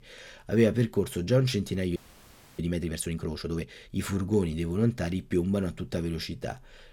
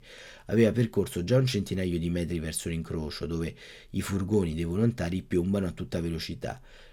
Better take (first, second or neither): second